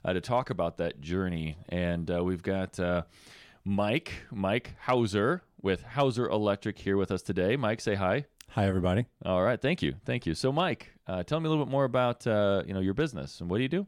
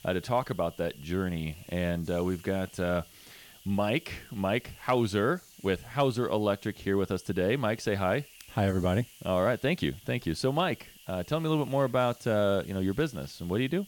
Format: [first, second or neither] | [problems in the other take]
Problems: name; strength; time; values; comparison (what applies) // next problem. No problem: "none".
first | hiss; faint; throughout; 20 dB below the speech